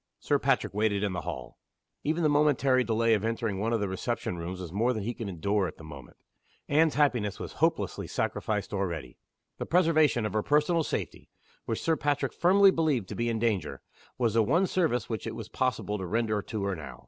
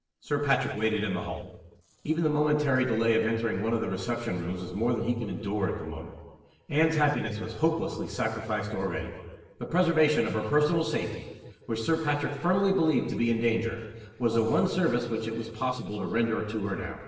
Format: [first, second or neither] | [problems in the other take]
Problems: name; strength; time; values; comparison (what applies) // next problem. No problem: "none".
first | noise reduction (neural separator model SepFormer DNS4)